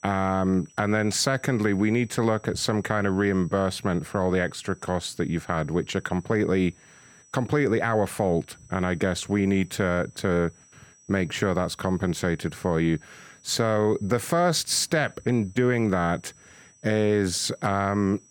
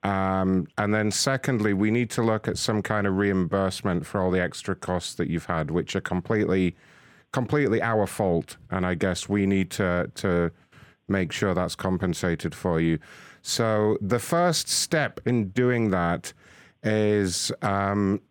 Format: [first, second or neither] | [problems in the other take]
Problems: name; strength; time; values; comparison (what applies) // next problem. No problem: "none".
second | high-pitched whine; faint; throughout; 6 kHz, 30 dB below the speech